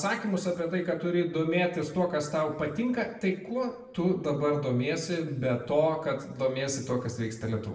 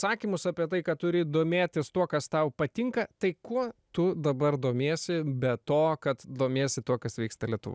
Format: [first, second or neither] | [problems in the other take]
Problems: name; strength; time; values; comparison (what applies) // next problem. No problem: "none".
second | room echo; dies away in 0.7 s